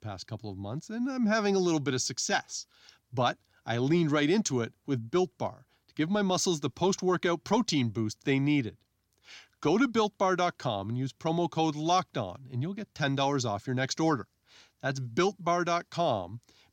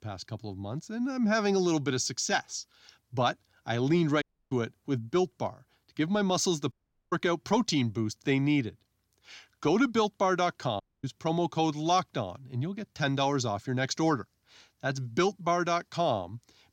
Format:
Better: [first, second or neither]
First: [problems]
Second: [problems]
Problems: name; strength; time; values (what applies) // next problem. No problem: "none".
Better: first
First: none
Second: audio cutting out; at 4 s, at 6.5 s and at 11 s